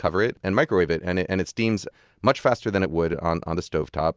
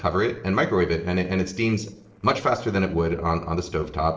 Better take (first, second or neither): first